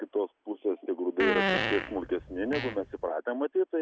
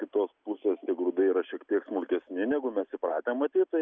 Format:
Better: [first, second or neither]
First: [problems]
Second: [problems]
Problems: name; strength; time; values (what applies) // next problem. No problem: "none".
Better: second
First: background sound (Fart); 1 dB below the speech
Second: none